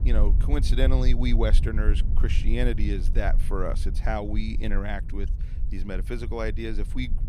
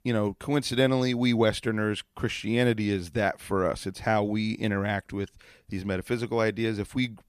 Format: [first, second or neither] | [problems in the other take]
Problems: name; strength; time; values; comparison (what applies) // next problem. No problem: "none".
second | low rumble; noticeable; throughout; 15 dB below the speech